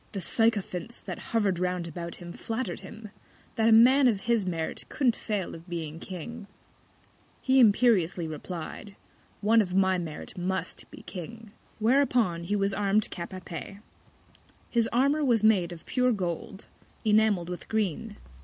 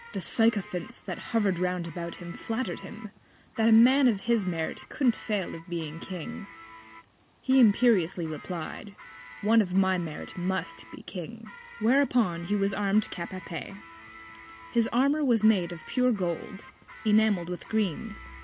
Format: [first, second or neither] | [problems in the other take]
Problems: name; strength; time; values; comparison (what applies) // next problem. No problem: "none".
first | background sound (Guitar); 20 dB below the speech